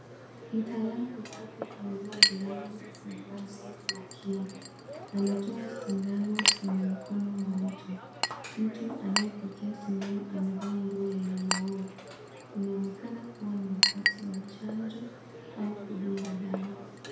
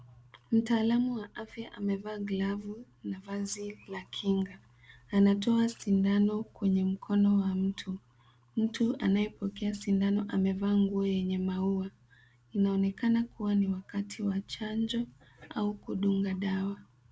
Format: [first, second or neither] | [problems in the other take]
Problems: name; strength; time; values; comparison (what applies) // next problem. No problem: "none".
second | background sound (Chink, clink); 1 dB below the speech // room echo; dies away in 0.7 s